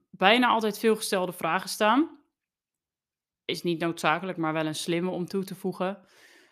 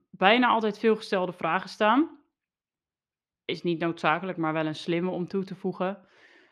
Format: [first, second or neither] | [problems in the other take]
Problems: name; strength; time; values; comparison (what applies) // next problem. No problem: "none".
first | muffled; very slightly; fading above 3.5 kHz